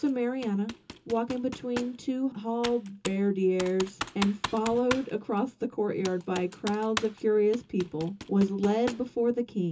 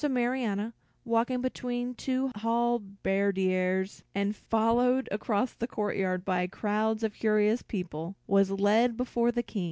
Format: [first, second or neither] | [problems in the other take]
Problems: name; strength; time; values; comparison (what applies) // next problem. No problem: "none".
second | background sound (Computer keyboard); 13 dB below the speech // room echo; dies away in 0.2 s